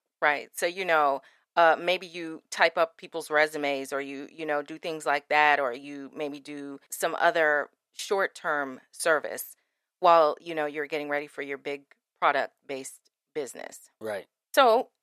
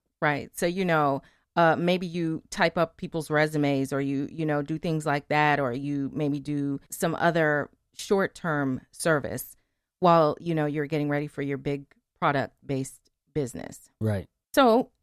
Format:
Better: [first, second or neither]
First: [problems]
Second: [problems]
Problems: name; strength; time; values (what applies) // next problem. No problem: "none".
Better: second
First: thin; somewhat; fading below 600 Hz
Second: none